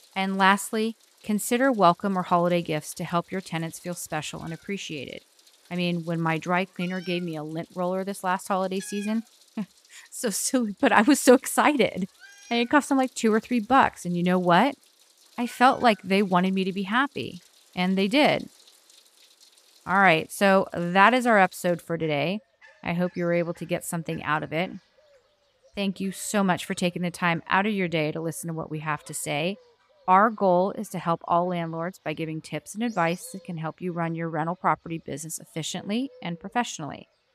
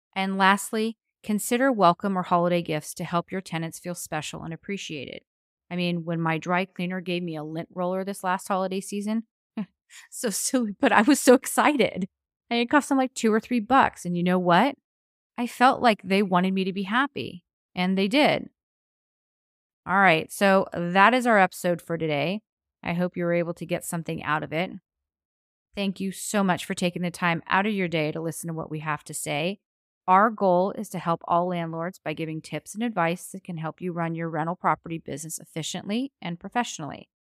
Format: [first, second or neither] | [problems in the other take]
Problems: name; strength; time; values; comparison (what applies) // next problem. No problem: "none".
second | animal sounds; faint; throughout; 25 dB below the speech